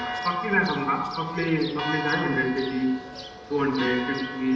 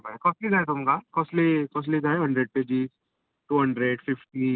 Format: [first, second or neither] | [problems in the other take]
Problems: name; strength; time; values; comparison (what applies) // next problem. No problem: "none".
second | background sound (Church bell); 8 dB below the speech // room echo; dies away in 0.8 s